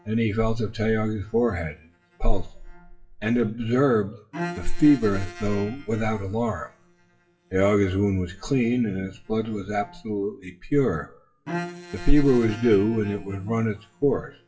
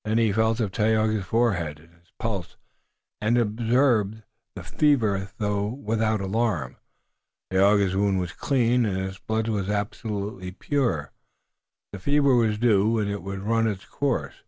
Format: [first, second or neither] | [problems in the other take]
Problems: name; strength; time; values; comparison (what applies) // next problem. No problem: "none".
second | noise reduction (classical method WPE with log-MMSE)